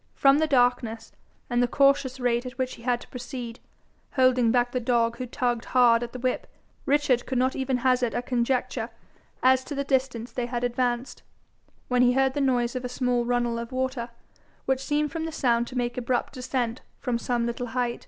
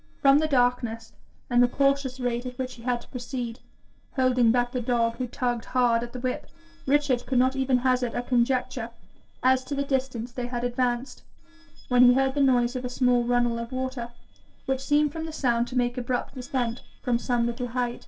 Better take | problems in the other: first | noise reduction (neural separator model SepFormer DNS4)

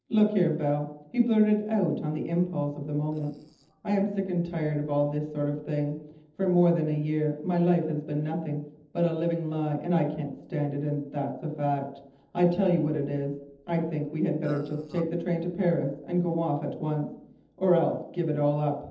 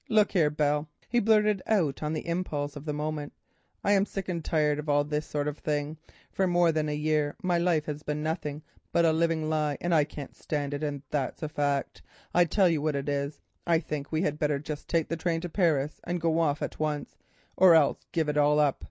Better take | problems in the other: second | noise reduction (neural separator model SepFormer DNS4)

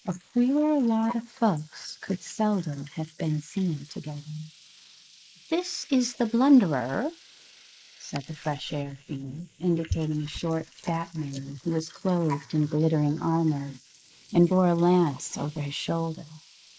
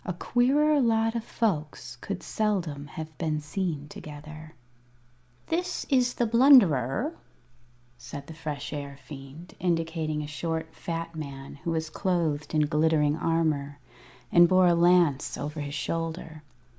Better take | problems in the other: second | noise reduction (neural mask model Resemble Enhance denoiser)

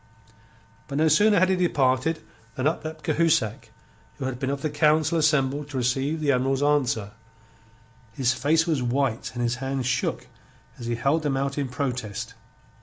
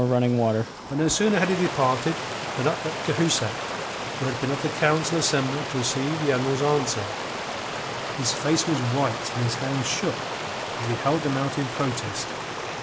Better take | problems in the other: first | background sound (Stream); 3 dB below the speech

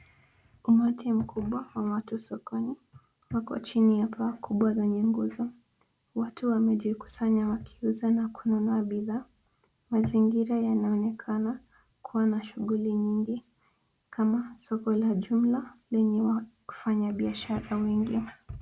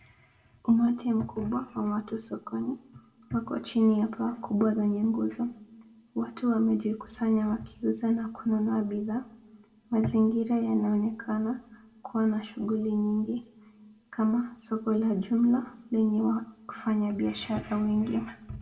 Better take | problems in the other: first | room echo; dies away in 0.7 s

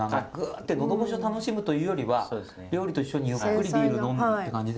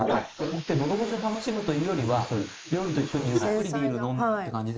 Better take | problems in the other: first | noise reduction (neural mask model Resemble Enhance denoiser)

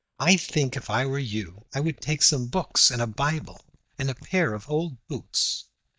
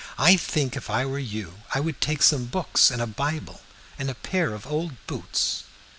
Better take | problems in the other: second | noise reduction (neural mask model DeepFilterNet 3)

